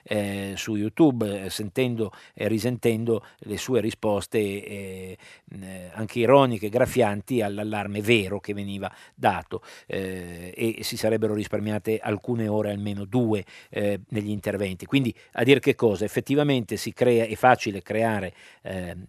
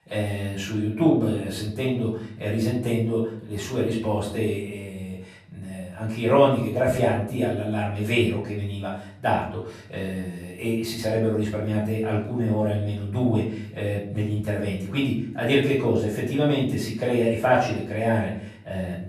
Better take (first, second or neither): first